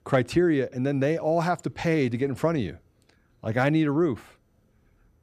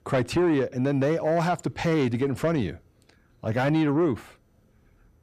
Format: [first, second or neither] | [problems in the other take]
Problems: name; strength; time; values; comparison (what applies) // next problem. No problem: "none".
first | distortion; slight; 10 dB below the speech